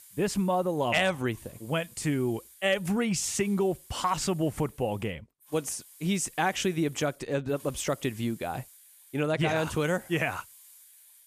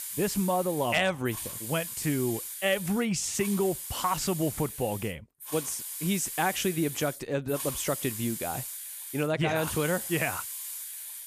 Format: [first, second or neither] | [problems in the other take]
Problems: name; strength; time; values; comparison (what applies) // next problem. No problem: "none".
first | hiss; loud; throughout; 6 dB below the speech; faint in the first